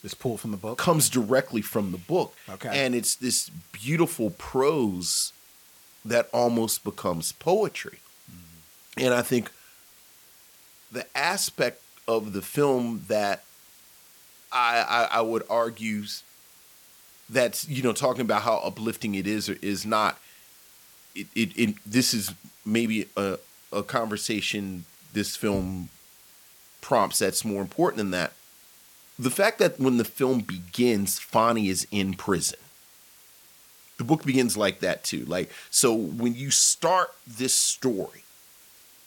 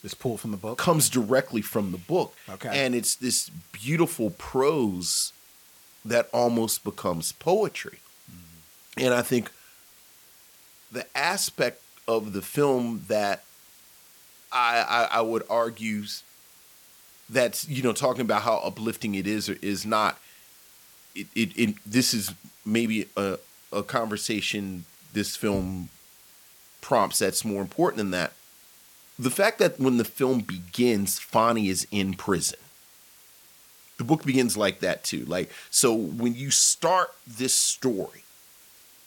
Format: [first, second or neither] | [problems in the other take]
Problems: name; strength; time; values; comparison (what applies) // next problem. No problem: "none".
neither | hiss; faint; throughout; 25 dB below the speech; the same in both